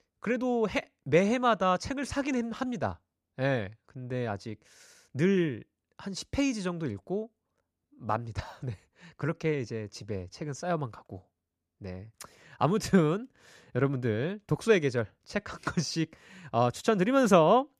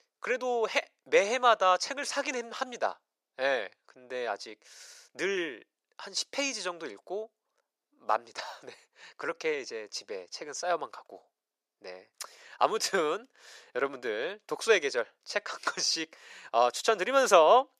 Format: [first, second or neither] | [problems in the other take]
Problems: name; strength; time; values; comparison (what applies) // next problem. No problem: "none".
first | thin; very; fading below 500 Hz